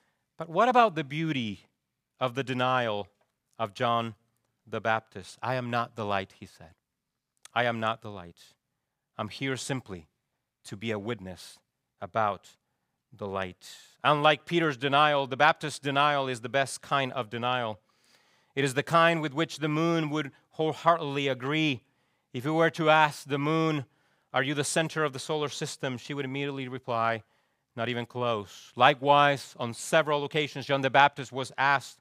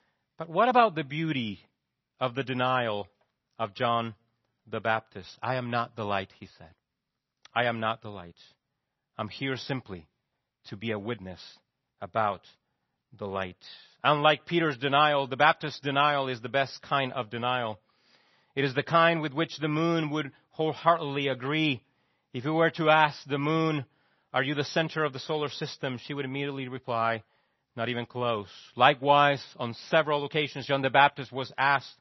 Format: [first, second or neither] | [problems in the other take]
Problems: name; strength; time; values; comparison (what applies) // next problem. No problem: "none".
first | garbled, watery; slightly; nothing above 6 kHz